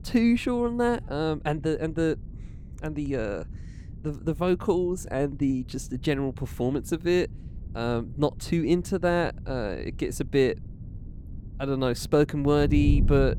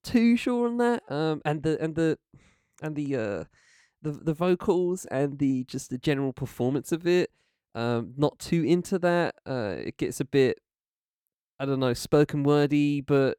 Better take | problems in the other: second | wind noise on the microphone; occasional gusts; 20 dB below the speech

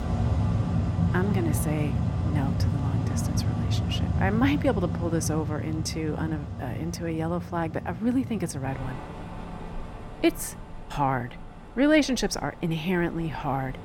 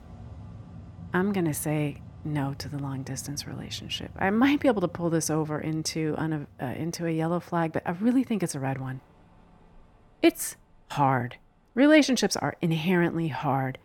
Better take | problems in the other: second | machinery noise; loud; throughout; 1 dB below the speech; faint in the second

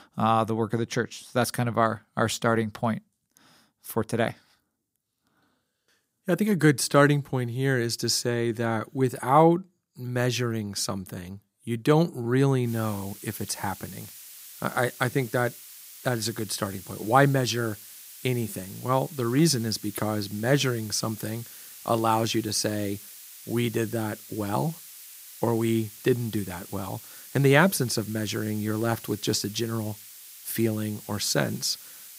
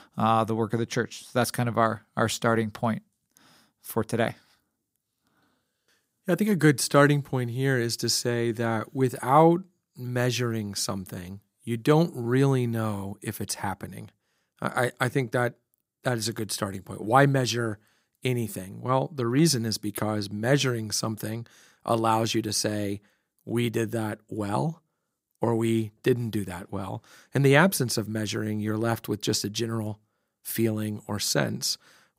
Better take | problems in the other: second | hiss; noticeable; from 13 s on; 15 dB below the speech

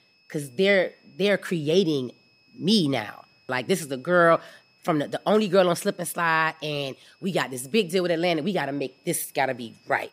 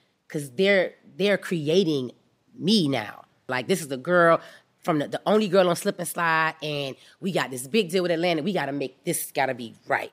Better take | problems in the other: second | high-pitched whine; faint; throughout; 2.5 kHz, 35 dB below the speech

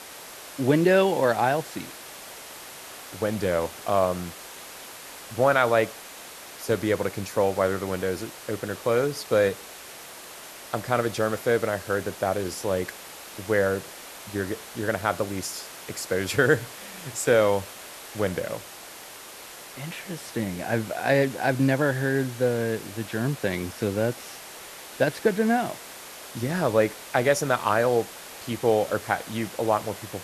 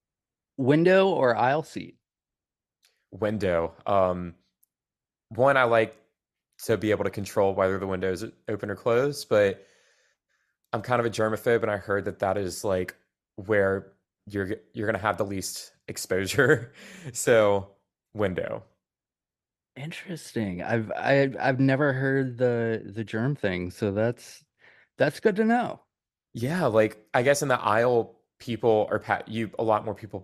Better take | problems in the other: second | hiss; noticeable; throughout; 15 dB below the speech

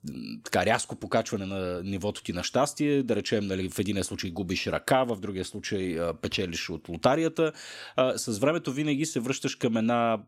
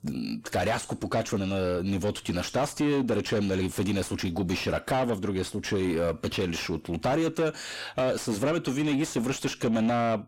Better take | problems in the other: first | distortion; heavy; 7 dB below the speech

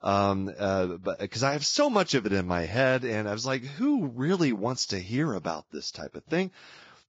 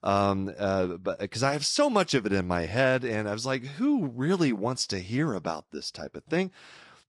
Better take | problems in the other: second | garbled, watery; badly; slightly in the second

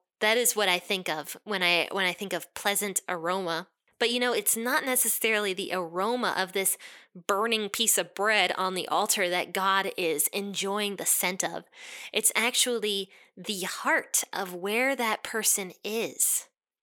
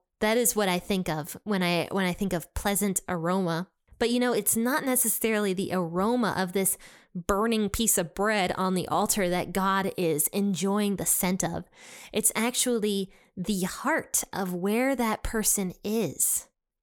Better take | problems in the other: second | thin; somewhat; fading below 350 Hz

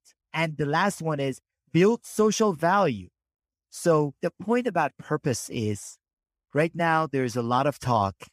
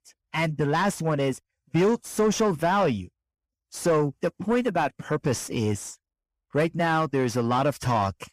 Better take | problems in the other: first | distortion; slight; 10 dB below the speech

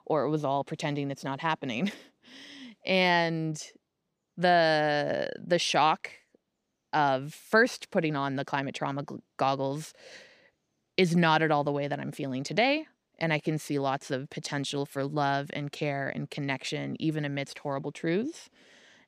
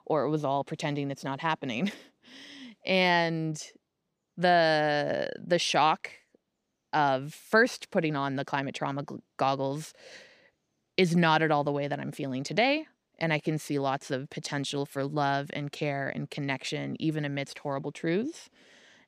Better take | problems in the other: neither | none

